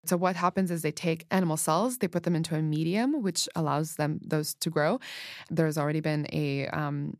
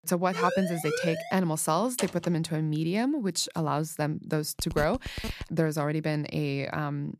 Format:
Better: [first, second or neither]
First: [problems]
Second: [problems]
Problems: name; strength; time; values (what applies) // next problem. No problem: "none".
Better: first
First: none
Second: siren; noticeable; until 1.5 s; peak 3 dB below the speech // door banging; noticeable; at 2 s; peak 7 dB below the speech // phone ringing; noticeable; at 4.5 s; peak 10 dB below the speech